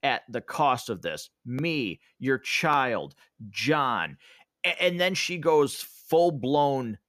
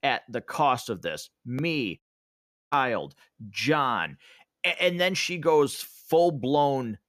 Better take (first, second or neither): first